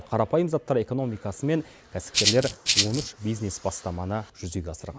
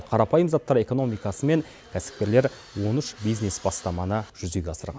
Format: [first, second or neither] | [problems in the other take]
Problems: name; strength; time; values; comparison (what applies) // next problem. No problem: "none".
second | noise reduction (neural mask model Resemble Enhance denoiser)